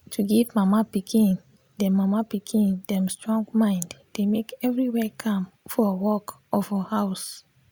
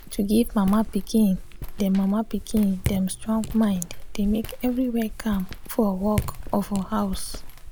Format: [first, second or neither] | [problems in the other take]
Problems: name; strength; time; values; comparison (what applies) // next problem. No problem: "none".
first | background sound (Walk, footsteps + Raindrop / Drip); 9 dB below the speech